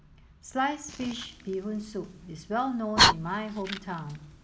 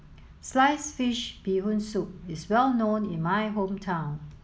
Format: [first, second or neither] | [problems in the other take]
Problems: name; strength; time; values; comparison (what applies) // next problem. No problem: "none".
second | background sound (Fire); 2 dB above the speech